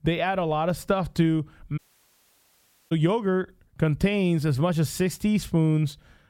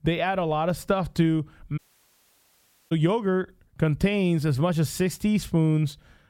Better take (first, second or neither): neither